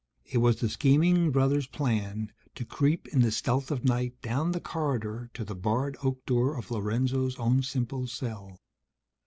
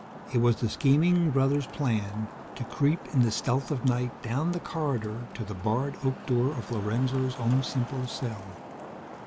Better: first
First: none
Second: background sound (Traffic noise, roadway noise); 15 dB below the speech

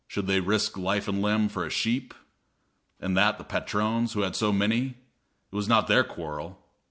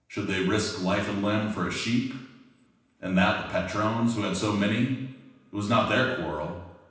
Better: first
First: none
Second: room echo; dies away in 0.9 s

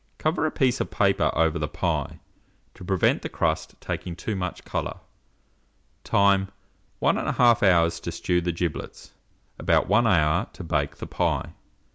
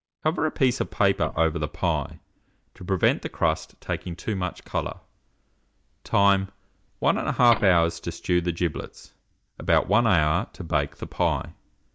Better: first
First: none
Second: noise reduction (neural mask model DeepFilterNet 3)

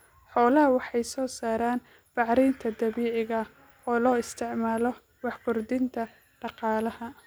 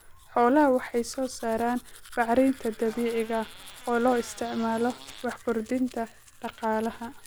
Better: first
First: none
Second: background sound (Domestic sounds, home sounds + Fart); 19 dB below the speech

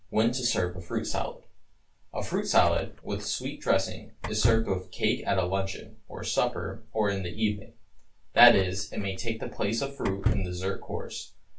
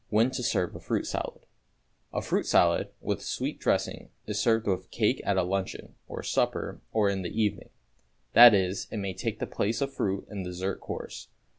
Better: second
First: background sound (Door / Car); 6 dB below the speech // room echo; dies away in 0.2 s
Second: none

